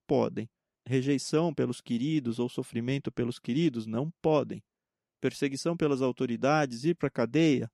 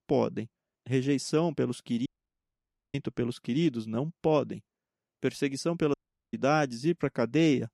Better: first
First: none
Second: audio cutting out; at 2 s for 1 s and at 6 s

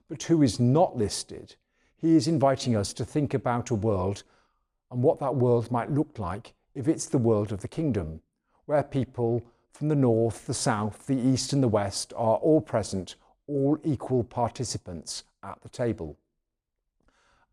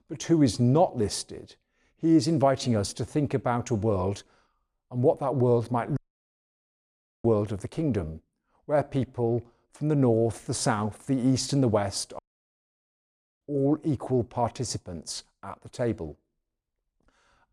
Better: first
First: none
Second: audio cutting out; at 6 s for 1.5 s and at 12 s for 1 s

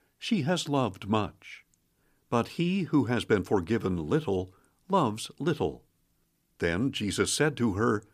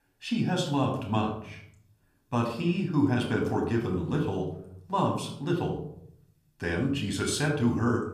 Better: first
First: none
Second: off-mic speech; somewhat distant // room echo; slight; dies away in 0.5 s

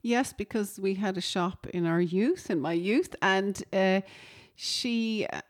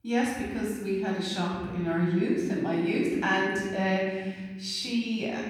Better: first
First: none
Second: off-mic speech; far // room echo; noticeable; dies away in 1.5 s

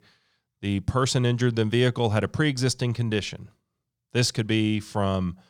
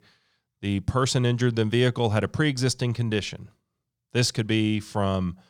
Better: neither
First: none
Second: none

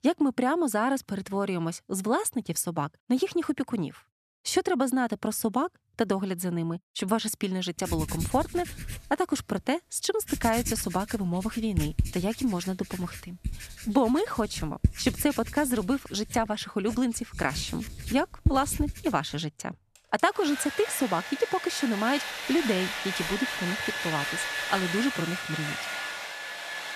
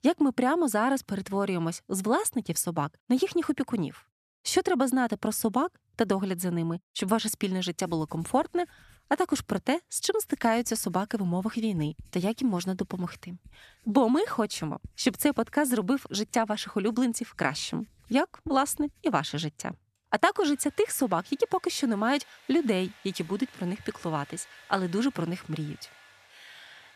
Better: second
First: household noises; loud; from 8 s on; 5 dB below the speech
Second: household noises; faint; from 8 s on; 25 dB below the speech

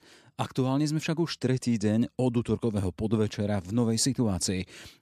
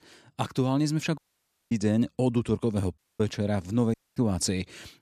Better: first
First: none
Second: audio cutting out; at 1 s for 0.5 s, at 3 s and at 4 s

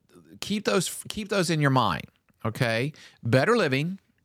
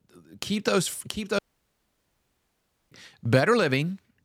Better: first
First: none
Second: audio cutting out; at 1.5 s for 1.5 s

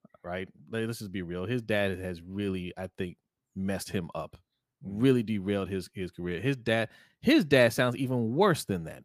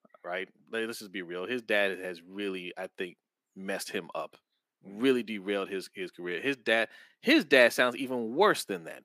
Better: first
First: none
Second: thin; somewhat; fading below 250 Hz

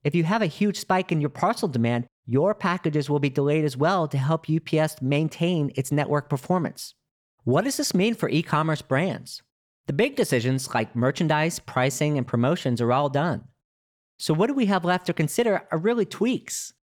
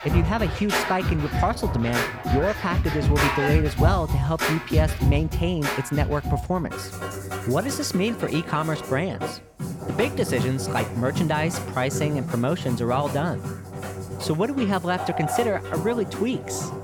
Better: first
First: none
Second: background music; loud; throughout; 2 dB below the speech

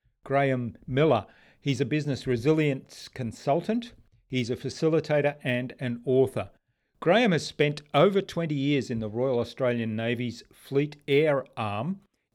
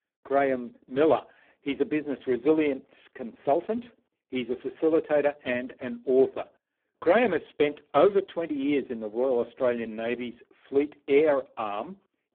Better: first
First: none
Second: phone-call audio; poor line

